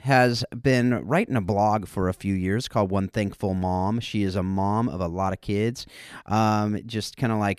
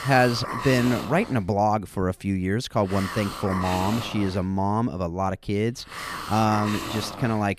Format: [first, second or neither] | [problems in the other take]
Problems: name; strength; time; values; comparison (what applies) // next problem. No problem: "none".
first | hiss; loud; throughout; 8 dB below the speech